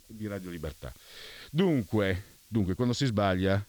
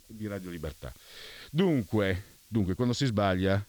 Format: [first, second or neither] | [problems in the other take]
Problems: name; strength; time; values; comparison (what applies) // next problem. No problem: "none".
neither | hiss; faint; throughout; 25 dB below the speech; the same in both